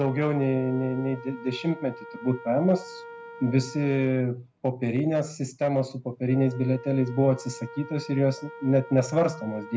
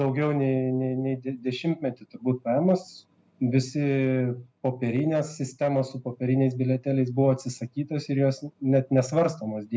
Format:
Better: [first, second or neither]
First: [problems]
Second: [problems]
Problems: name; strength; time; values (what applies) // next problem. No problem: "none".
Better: second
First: background sound (Wind instrument, woodwind instrument); 17 dB below the speech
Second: none